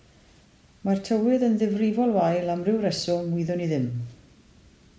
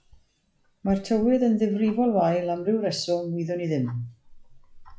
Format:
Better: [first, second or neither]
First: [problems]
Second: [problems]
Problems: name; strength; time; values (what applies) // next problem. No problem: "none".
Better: first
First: none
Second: noise reduction (classical method log-MMSE)